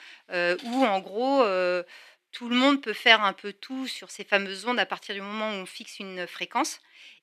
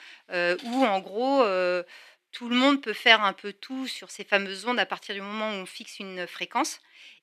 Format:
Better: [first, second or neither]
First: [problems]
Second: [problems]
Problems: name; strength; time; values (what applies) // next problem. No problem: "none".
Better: neither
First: thin; somewhat; fading below 450 Hz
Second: thin; somewhat; fading below 450 Hz